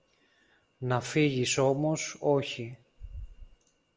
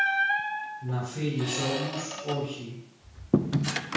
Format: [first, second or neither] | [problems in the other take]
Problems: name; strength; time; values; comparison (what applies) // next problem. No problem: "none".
first | background sound (Squeak); 3 dB above the speech // room echo; dies away in 0.6 s